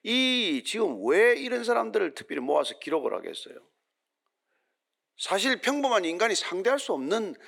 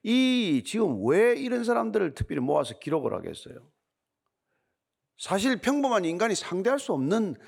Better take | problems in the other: second | thin; very slightly; fading below 300 Hz

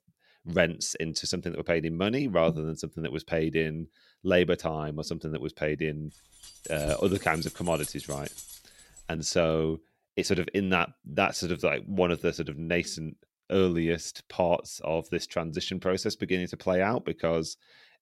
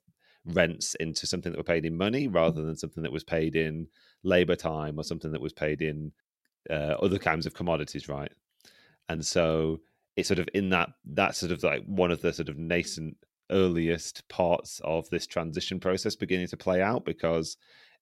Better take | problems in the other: second | jangling keys; noticeable; from 6.5 to 9 s; peak 9 dB below the speech

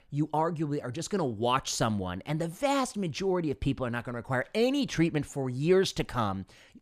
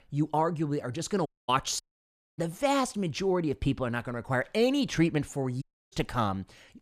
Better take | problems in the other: first | audio cutting out; at 1.5 s, at 2 s for 0.5 s and at 5.5 s

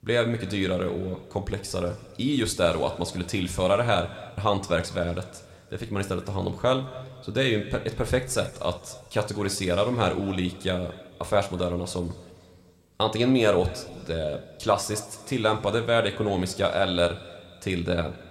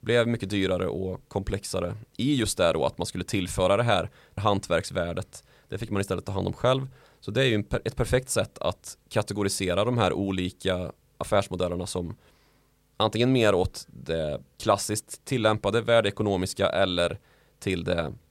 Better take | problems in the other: second | room echo; very slight; dies away in 1.6 s

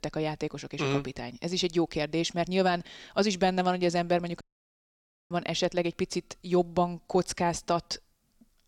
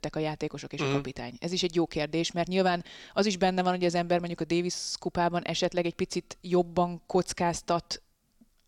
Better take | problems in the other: second | audio cutting out; at 4.5 s for 1 s

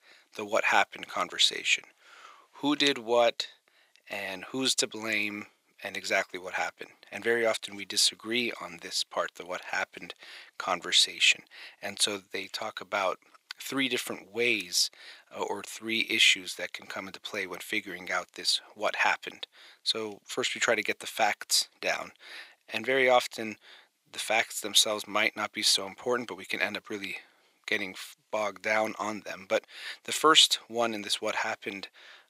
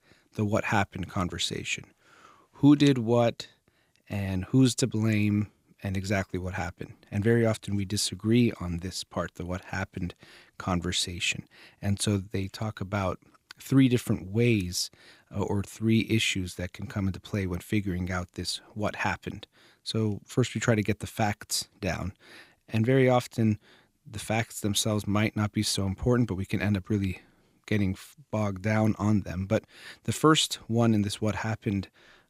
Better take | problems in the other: second | thin; very; fading below 600 Hz

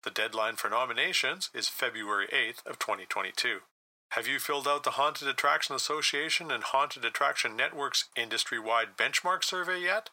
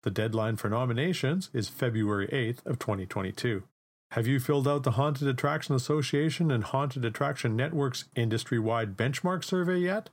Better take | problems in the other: second | thin; very; fading below 900 Hz

